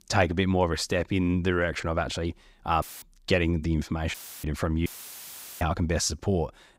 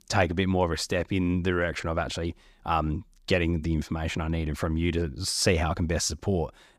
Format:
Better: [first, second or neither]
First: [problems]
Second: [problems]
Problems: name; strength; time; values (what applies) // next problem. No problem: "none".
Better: second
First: audio cutting out; filled with static; at 3 s, at 4 s and at 5 s for 1 s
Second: none